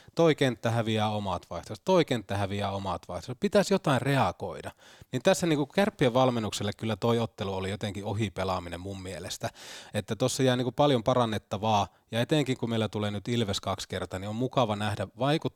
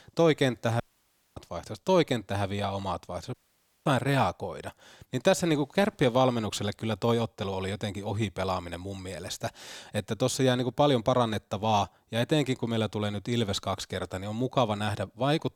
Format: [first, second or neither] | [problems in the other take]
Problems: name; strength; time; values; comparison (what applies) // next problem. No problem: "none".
first | audio cutting out; at 1 s for 0.5 s and at 3.5 s for 0.5 s